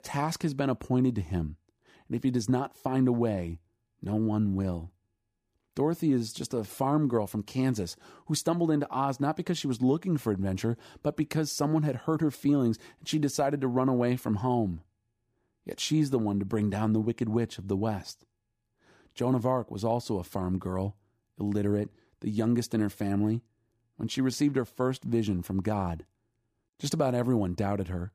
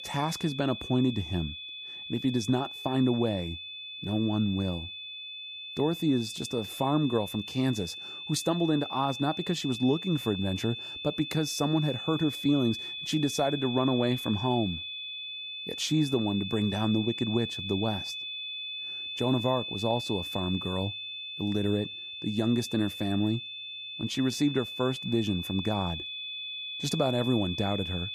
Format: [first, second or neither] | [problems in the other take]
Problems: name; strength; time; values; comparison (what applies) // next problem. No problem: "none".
first | high-pitched whine; loud; throughout; 3.5 kHz, 7 dB below the speech